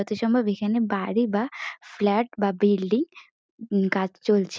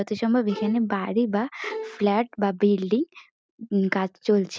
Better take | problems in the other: first | background sound (Bowed string instrument); 13 dB below the speech

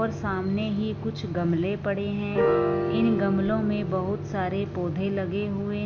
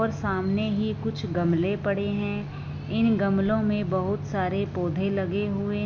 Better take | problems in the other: second | background sound (Piano); 5 dB below the speech

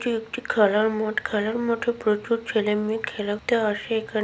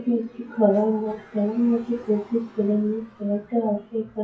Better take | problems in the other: first | noise reduction (classical method WPE with log-MMSE)

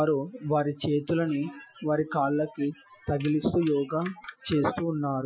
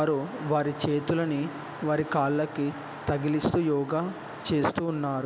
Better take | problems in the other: second | noise reduction (classical method Wiener filter)

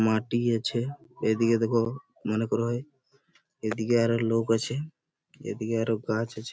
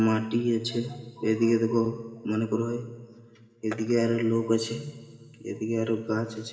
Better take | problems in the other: first | room echo; dies away in 2.1 s

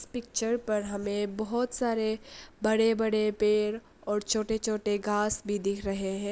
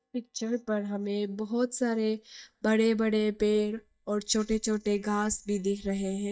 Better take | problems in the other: first | noise reduction (neural mask model DeepFilterNet 3)

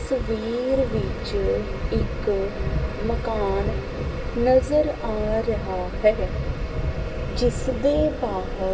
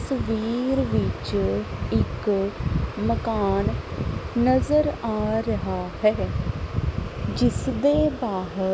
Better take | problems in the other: second | background sound (Subway, metro, underground); 9 dB below the speech // room echo; dies away in 2.9 s

